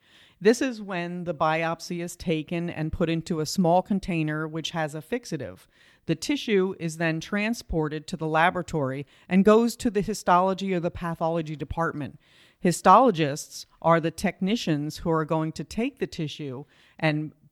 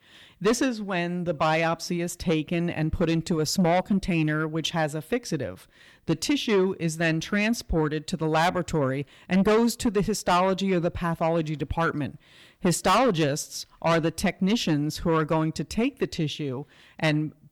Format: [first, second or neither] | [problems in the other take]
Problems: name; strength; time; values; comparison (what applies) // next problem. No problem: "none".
first | distortion; heavy; 7 dB below the speech